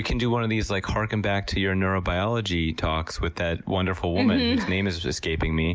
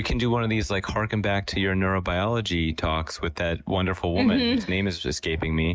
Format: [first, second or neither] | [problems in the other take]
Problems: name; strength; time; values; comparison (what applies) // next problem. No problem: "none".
first | noise reduction (neural mask model RNNoise)